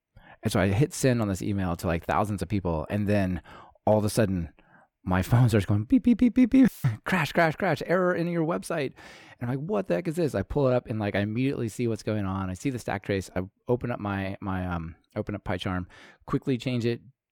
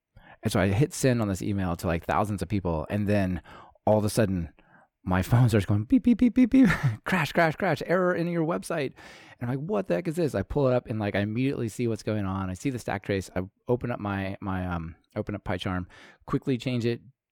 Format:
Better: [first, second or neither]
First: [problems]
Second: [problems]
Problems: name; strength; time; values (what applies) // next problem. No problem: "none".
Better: second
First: audio cutting out; filled with static; at 6.5 s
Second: none